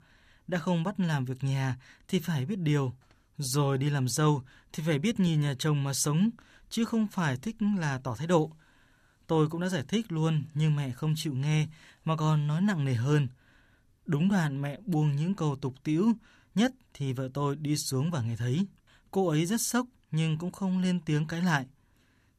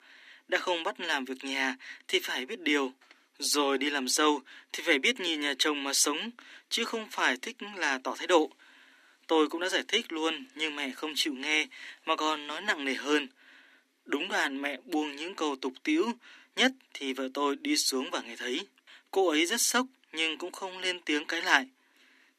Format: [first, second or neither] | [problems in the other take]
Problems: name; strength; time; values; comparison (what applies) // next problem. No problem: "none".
first | thin; very; fading below 250 Hz